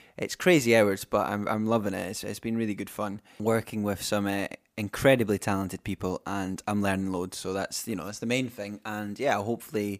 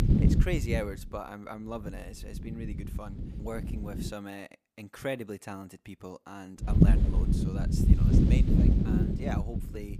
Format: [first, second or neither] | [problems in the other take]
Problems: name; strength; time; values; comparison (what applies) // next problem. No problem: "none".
first | wind noise on the microphone; heavy; until 4 s and from 6.5 s on; 4 dB above the speech